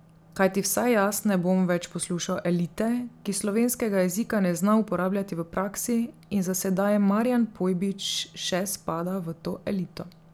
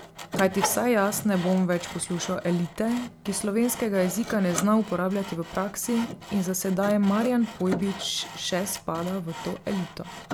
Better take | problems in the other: first | background sound (Sawing); 11 dB below the speech

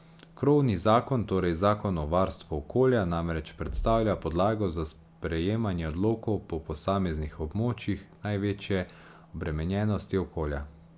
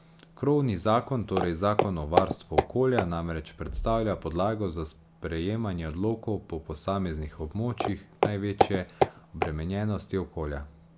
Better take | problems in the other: first | background sound (Walk, footsteps); 1 dB below the speech

